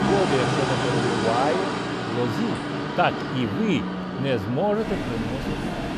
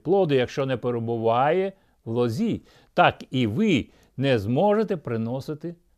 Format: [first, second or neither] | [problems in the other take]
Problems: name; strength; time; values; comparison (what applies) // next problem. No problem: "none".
second | train or aircraft noise; loud; throughout; as loud as the speech